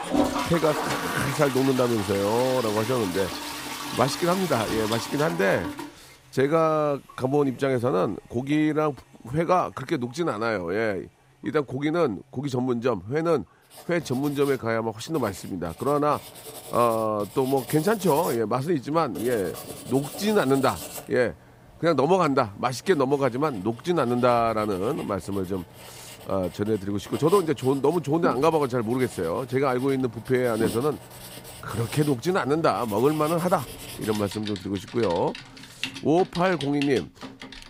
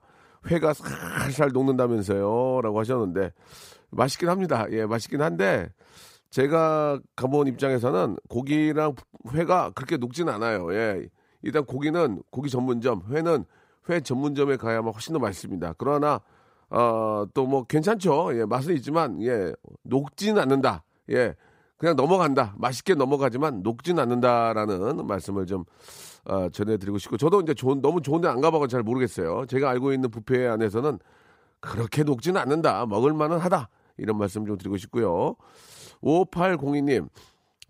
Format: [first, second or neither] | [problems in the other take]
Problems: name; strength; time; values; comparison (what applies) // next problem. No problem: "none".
second | household noises; noticeable; throughout; 10 dB below the speech